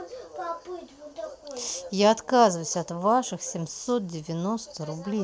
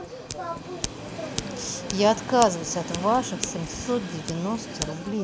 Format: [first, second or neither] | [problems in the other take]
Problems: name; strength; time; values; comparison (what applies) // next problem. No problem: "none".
first | background sound (Train + Scissors); 7 dB below the speech